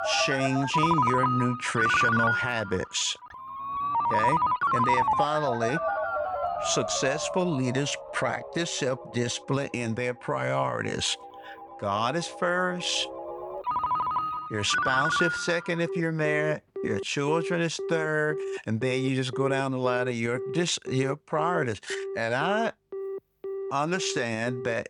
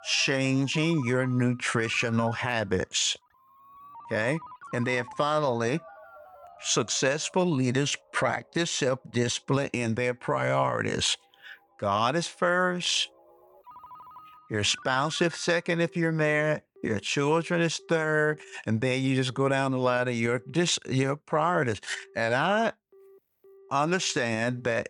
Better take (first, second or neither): second